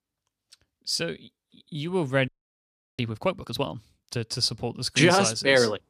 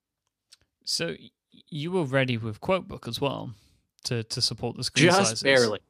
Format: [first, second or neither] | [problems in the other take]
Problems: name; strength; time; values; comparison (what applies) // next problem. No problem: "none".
second | audio freezing; at 2.5 s for 0.5 s